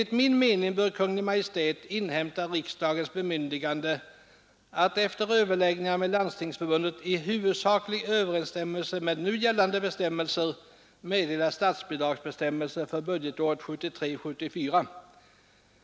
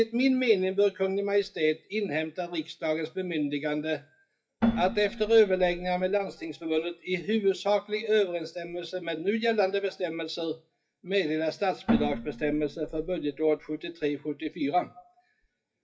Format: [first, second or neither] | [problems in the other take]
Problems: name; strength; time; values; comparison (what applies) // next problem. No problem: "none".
first | noise reduction (classical method WPE with log-MMSE)